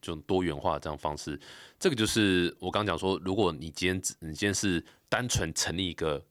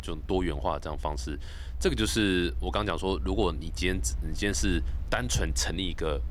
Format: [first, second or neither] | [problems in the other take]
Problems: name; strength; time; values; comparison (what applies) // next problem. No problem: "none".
first | low rumble; faint; throughout; 25 dB below the speech